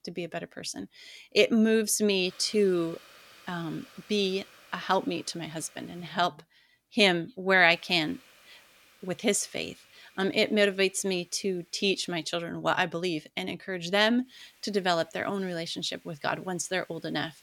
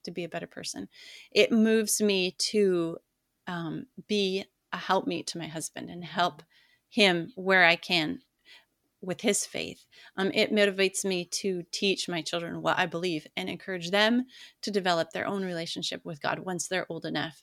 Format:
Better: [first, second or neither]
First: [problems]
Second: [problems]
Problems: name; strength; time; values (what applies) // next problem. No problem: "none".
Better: second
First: hiss; faint; from 2 to 6 s, from 7.5 to 12 s and from 14 s on; 25 dB below the speech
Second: none